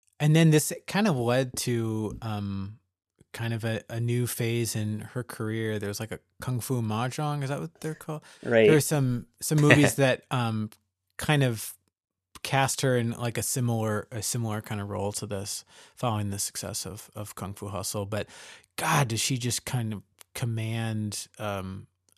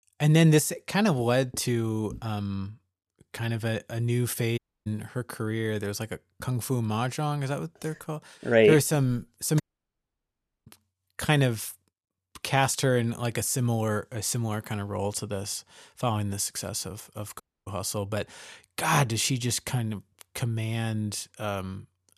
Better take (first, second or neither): first